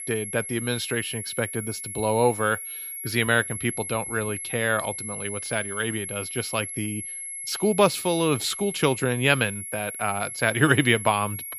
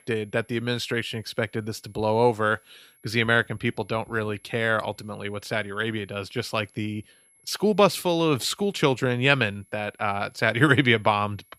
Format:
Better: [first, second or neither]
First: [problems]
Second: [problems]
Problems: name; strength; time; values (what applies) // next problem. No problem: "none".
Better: second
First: high-pitched whine; loud; throughout; 11 kHz, 7 dB below the speech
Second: high-pitched whine; faint; throughout; 11 kHz, 35 dB below the speech